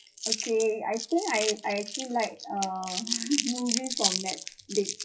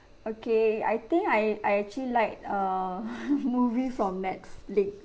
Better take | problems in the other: second | noise reduction (classical method WPE with log-MMSE)

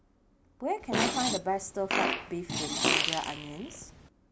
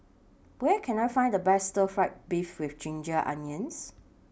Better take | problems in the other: second | background sound (Fart + Screech); 4 dB above the speech

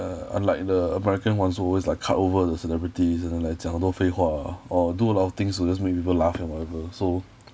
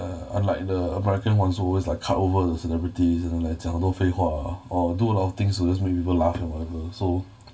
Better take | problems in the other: first | room echo; dies away in 0.2 s

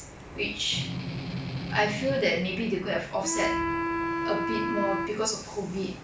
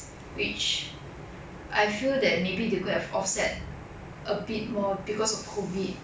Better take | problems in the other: second | background sound (Strum + Wind instrument, woodwind instrument); 2 dB below the speech

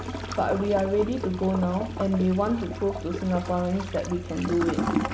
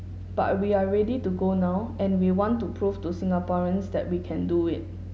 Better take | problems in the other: second | background sound (Toilet flush / Gurgling); 7 dB below the speech

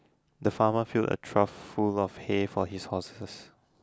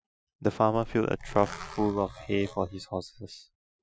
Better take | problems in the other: first | noise reduction (classical method Wiener filter)

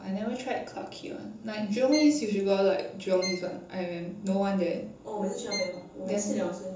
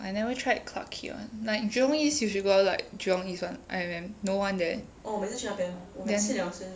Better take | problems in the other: second | background sound (Bowed string instrument); 13 dB below the speech // room echo; dies away in 0.6 s

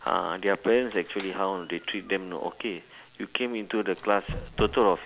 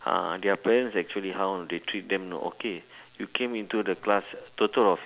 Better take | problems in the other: second | background sound (Squeak); 15 dB below the speech

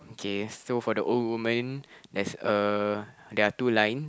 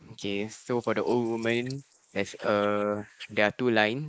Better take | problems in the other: first | noise reduction (neural mask model Resemble Enhance denoiser)

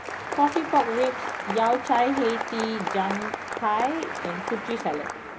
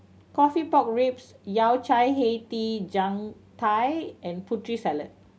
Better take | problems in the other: second | background sound (Applause); 5 dB below the speech

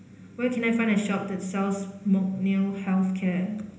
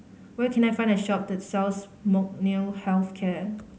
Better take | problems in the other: second | room echo; dies away in 1 s

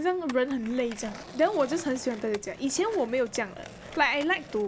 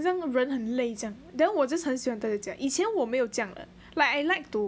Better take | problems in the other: second | background sound (Skateboard); 17 dB below the speech

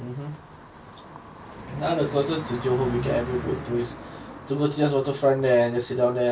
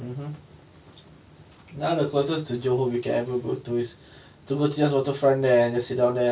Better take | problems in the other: second | background sound (Car passing by); 12 dB below the speech

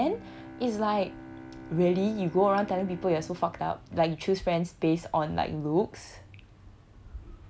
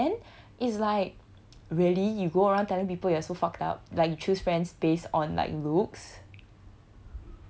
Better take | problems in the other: second | background sound (Bowed string instrument); 18 dB below the speech

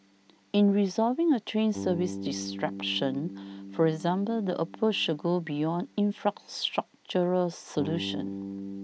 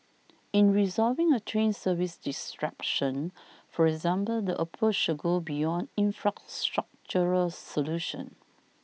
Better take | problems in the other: second | background sound (Bass guitar); 12 dB below the speech

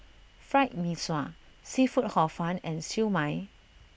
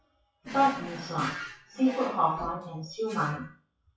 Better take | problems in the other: first | noise reduction (classical method WPE with log-MMSE)

